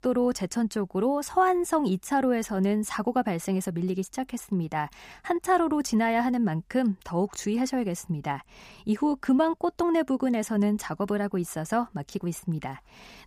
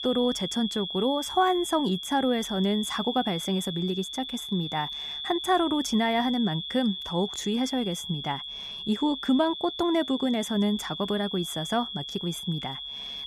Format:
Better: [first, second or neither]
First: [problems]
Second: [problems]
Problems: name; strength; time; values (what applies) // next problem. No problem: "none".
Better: first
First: none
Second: high-pitched whine; loud; throughout; 3.5 kHz, 6 dB below the speech